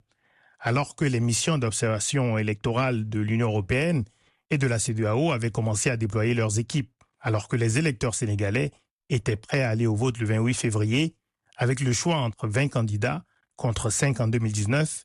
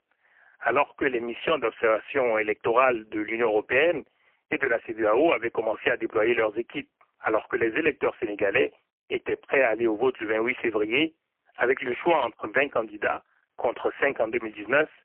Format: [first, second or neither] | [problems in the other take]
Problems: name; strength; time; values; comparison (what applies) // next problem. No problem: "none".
first | phone-call audio; poor line; nothing above 3 kHz